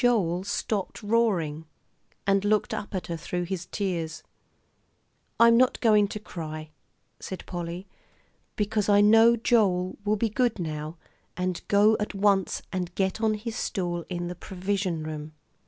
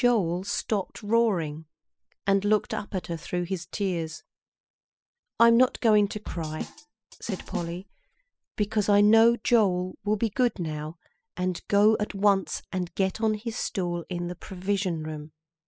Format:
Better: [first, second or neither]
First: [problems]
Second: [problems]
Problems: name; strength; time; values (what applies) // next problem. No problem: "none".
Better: first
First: none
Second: noise reduction (classical method spectral subtraction)